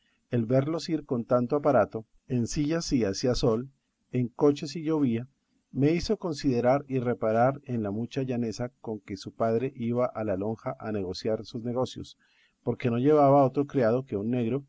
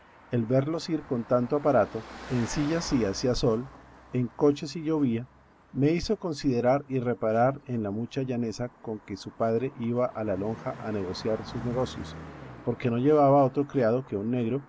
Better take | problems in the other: first | background sound (Car passing by); 18 dB below the speech

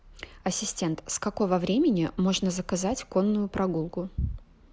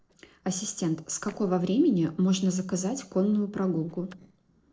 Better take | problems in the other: first | noise reduction (neural separator model SepFormer DNS4)

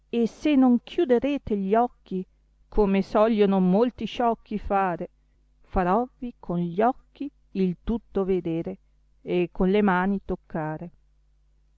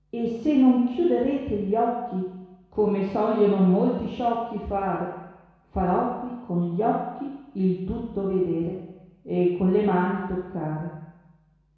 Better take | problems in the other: first | room echo; dies away in 1.1 s

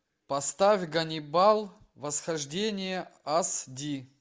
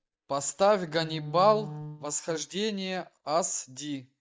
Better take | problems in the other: first | noise reduction (neural mask model DeepFilterNet 3)

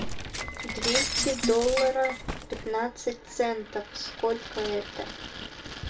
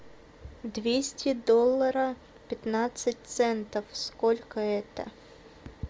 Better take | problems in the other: second | background sound (Shatter); 4 dB below the speech // room echo; dies away in 0.2 s

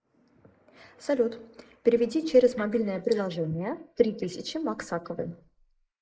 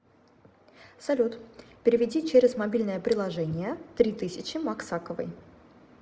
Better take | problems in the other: second | noise reduction (neural mask model Resemble Enhance denoiser)

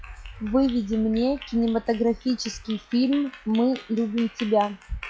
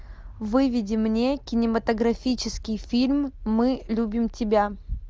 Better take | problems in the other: second | noise reduction (classical method log-MMSE)

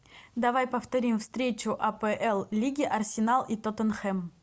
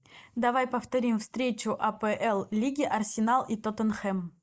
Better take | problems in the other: first | noise reduction (neural mask model Resemble Enhance denoiser)

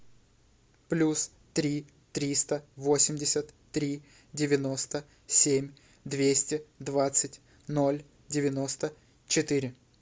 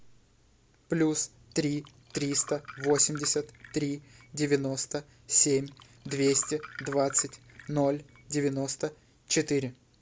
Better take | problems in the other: first | background sound (Glass); 18 dB below the speech

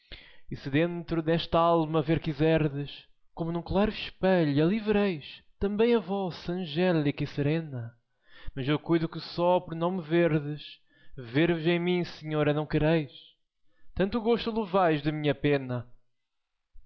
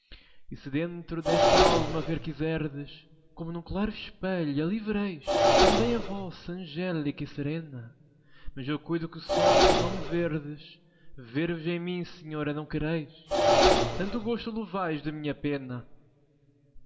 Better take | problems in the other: first | background sound (Engine); 3 dB above the speech // room echo; dies away in 0.6 s

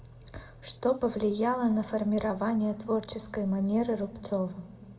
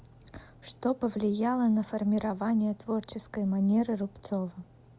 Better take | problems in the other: second | room echo; dies away in 1.1 s

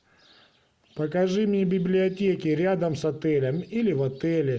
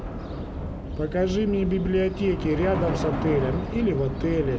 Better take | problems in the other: first | background sound (Subway, metro, underground / Train); 4 dB below the speech

